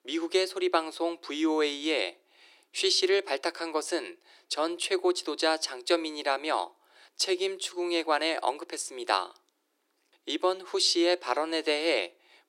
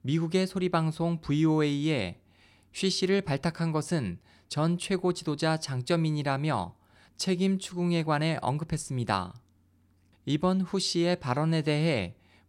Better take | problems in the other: second | thin; very; fading below 350 Hz

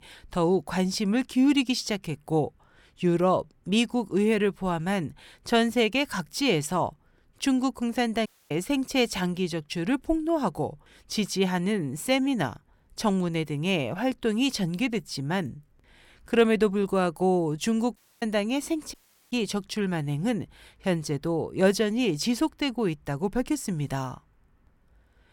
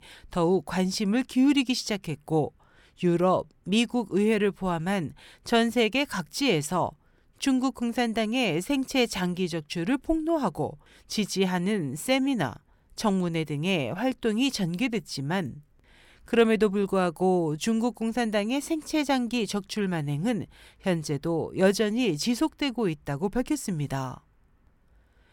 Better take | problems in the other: second | audio cutting out; at 8.5 s, at 18 s and at 19 s

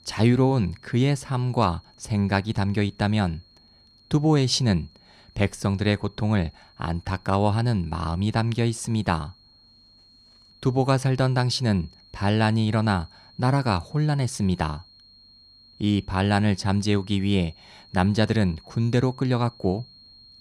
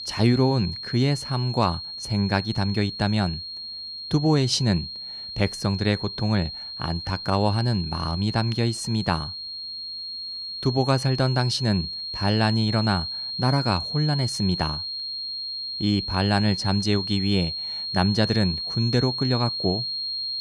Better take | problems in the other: first | high-pitched whine; loud; throughout; 4 kHz, 5 dB below the speech; faint in the first

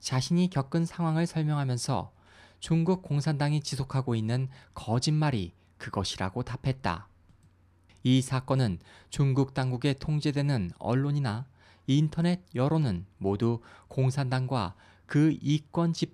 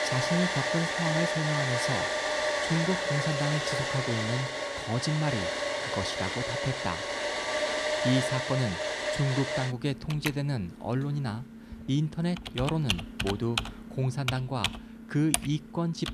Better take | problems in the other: first | household noises; very loud; throughout; 1 dB above the speech

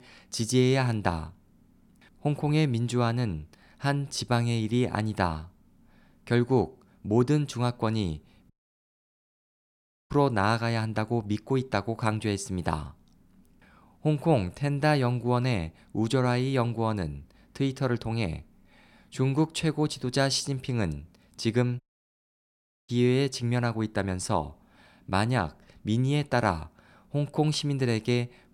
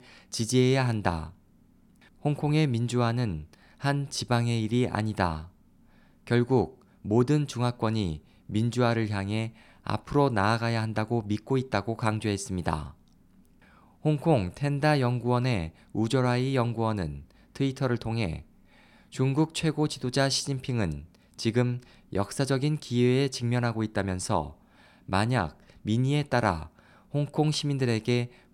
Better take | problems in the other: second | audio cutting out; at 8.5 s for 1.5 s and at 22 s for 1 s

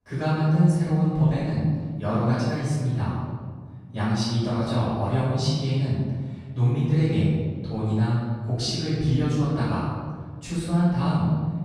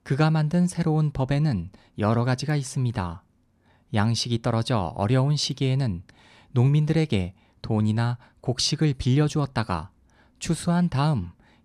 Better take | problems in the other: second | room echo; strong; dies away in 1.6 s // off-mic speech; far

